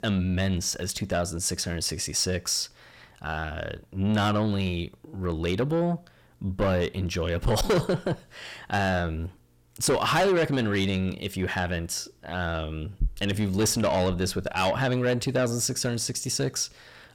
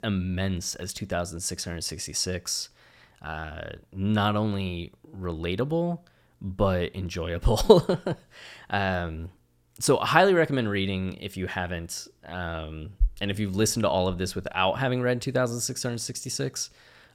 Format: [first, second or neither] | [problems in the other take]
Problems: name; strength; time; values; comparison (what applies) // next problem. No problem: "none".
second | distortion; heavy; 6 dB below the speech